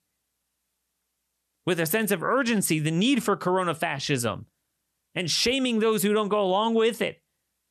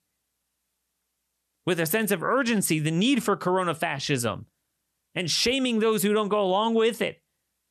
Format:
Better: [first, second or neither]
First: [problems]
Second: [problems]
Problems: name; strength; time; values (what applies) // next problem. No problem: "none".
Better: neither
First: none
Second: none